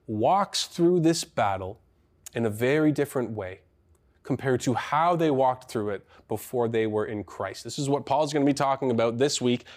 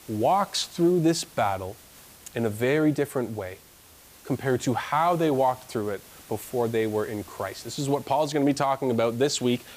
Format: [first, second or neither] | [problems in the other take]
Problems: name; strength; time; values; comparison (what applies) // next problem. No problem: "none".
first | hiss; faint; throughout; 20 dB below the speech